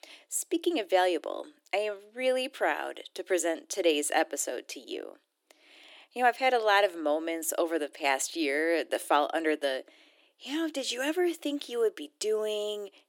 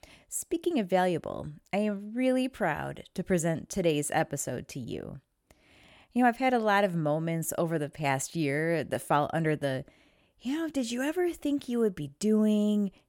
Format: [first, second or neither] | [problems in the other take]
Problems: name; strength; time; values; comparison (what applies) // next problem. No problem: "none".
second | thin; somewhat; fading below 300 Hz